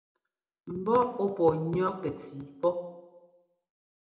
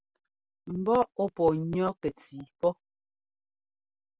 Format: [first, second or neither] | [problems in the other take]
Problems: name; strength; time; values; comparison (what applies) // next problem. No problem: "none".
second | room echo; dies away in 0.6 s